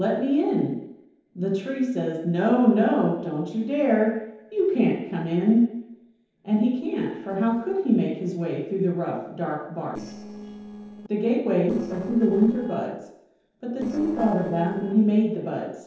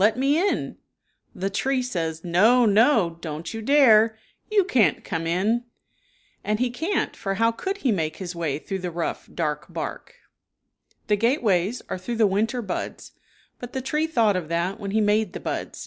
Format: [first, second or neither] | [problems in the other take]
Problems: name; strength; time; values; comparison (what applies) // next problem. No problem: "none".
second | noise reduction (neural separator model SepFormer DNS4)